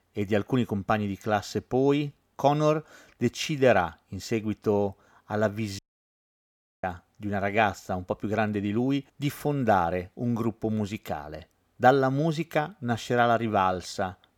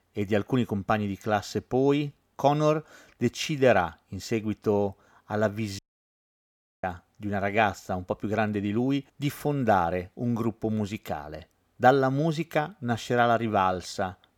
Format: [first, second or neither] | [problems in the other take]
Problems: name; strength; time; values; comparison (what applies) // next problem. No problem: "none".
neither | audio cutting out; at 6 s for 1 s; the same in both